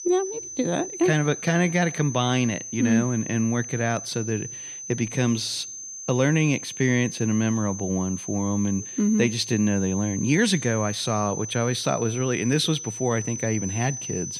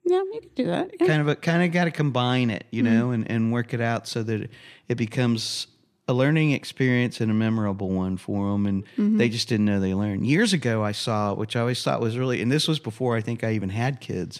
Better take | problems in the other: second | high-pitched whine; loud; throughout; 6 kHz, 9 dB below the speech

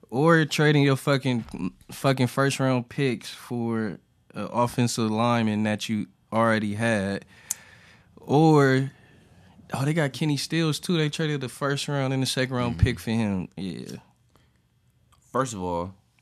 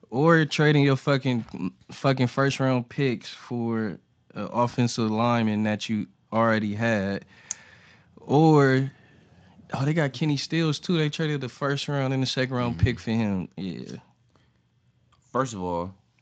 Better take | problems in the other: first | garbled, watery; slightly; nothing above 7.5 kHz

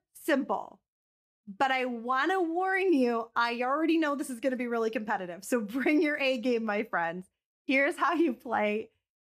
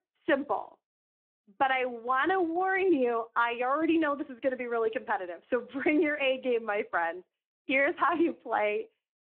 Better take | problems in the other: first | phone-call audio

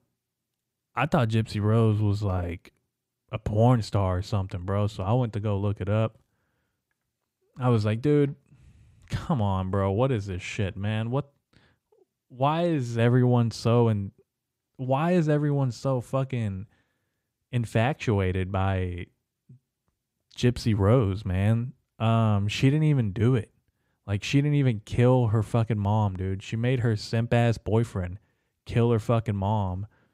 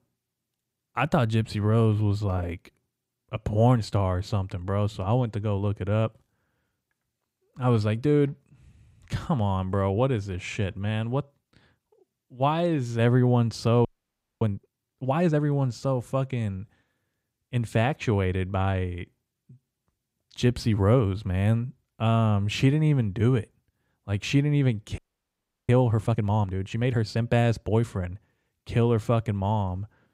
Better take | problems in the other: first | audio freezing; at 14 s for 0.5 s and at 25 s for 0.5 s

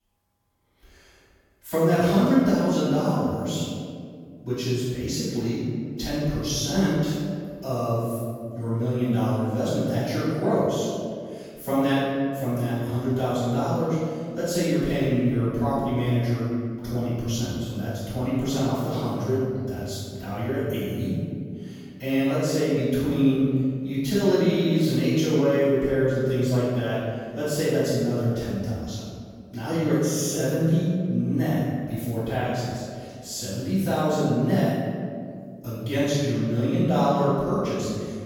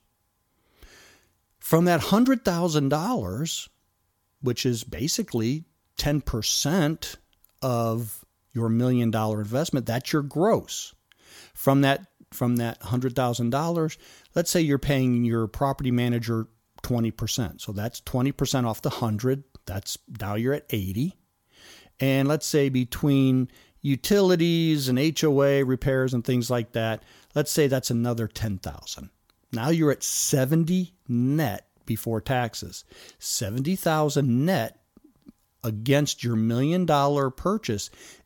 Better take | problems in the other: second | off-mic speech; far // room echo; strong; dies away in 2.1 s

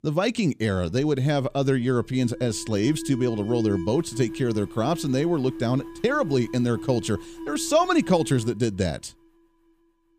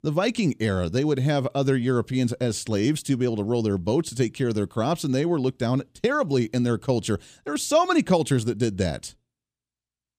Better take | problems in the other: second | alarm; noticeable; from 1 to 8.5 s; peak 6 dB below the speech

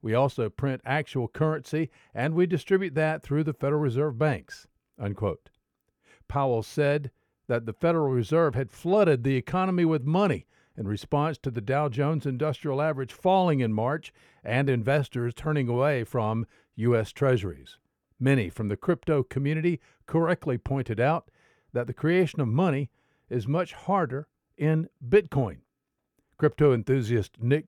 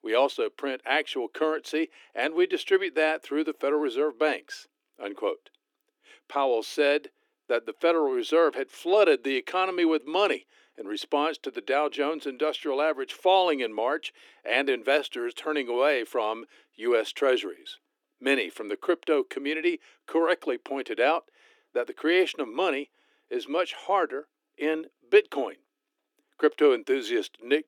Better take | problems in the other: first | thin; somewhat; fading below 300 Hz

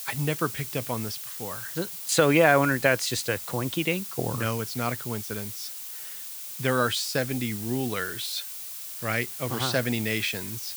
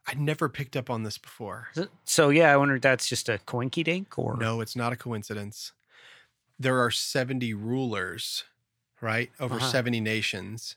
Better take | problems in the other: second | hiss; loud; throughout; 8 dB below the speech

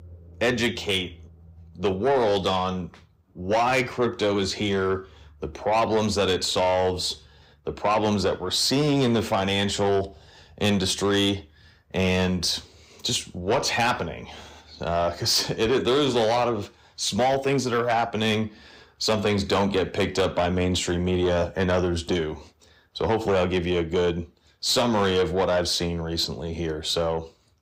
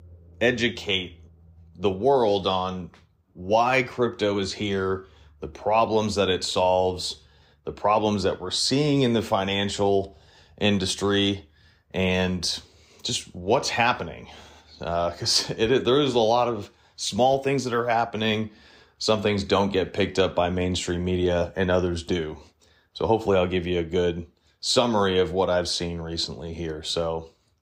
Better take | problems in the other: second | distortion; slight; 10 dB below the speech

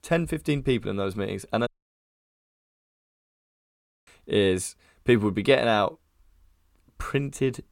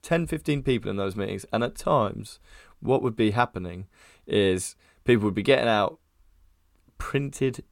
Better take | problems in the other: second | audio cutting out; at 1.5 s for 2.5 s

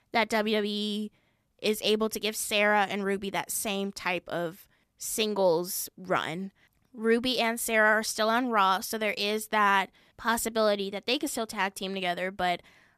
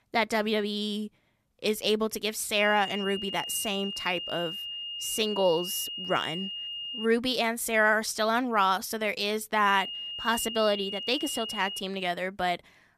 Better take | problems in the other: first | high-pitched whine; loud; from 2.5 to 7 s and from 9.5 to 12 s; 3 kHz, 7 dB below the speech

